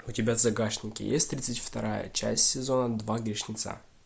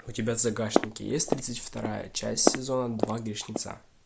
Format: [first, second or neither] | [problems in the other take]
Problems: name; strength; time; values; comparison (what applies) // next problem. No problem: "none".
first | background sound (Walk, footsteps); 1 dB below the speech